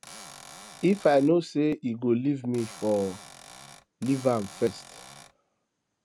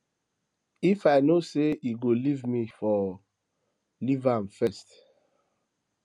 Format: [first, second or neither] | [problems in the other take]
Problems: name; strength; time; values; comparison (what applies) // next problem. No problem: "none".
second | background sound (Cupboard open or close / Door); 19 dB below the speech